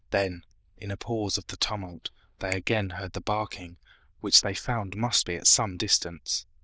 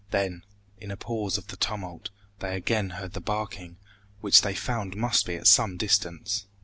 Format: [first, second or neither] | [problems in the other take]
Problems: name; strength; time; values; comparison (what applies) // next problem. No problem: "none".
second | noise reduction (neural diffusion model UNIVERSE++)